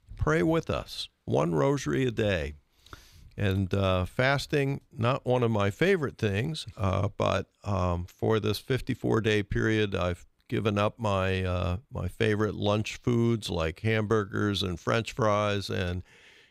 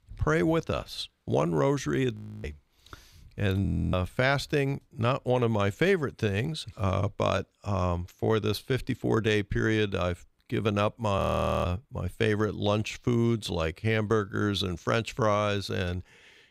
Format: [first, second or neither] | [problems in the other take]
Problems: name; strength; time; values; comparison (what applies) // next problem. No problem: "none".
first | audio freezing; at 2 s, at 3.5 s and at 11 s